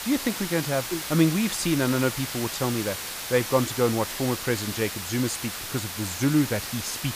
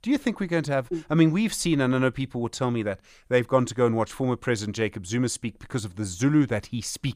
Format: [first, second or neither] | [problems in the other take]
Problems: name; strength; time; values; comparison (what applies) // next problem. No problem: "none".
second | hiss; loud; throughout; 5 dB below the speech